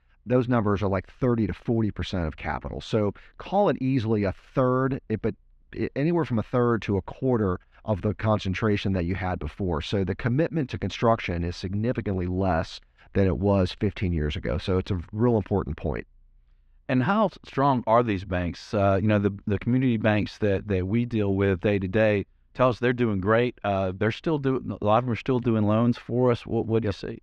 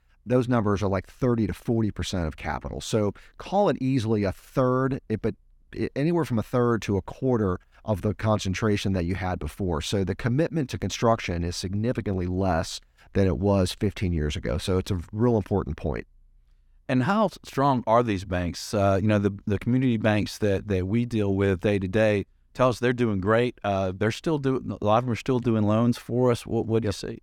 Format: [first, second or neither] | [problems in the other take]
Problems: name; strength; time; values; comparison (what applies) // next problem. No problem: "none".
second | muffled; very slightly; fading above 3 kHz